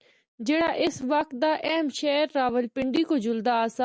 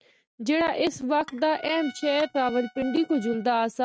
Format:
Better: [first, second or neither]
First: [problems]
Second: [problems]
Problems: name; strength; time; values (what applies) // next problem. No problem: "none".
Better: first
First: none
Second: noise reduction (neural mask model RNNoise)